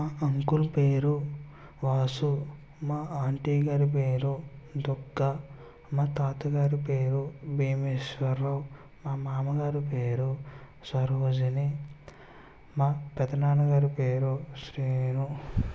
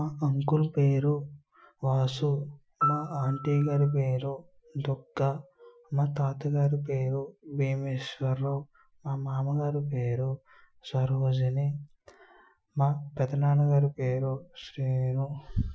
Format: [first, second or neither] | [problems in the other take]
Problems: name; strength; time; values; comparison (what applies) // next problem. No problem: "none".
first | noise reduction (classical method Wiener filter)